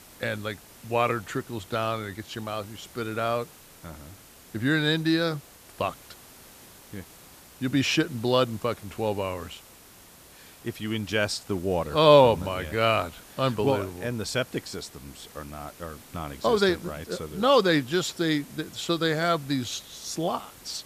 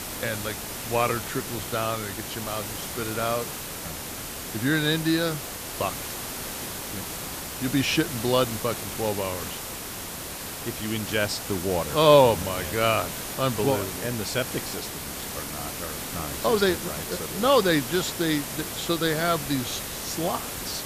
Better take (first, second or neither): first